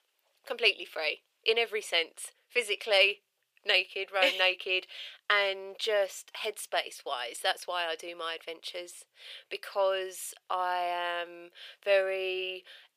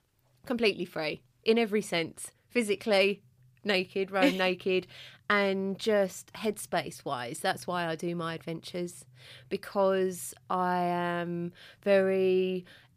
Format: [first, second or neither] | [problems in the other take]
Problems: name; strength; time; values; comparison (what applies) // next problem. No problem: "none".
second | thin; very; fading below 500 Hz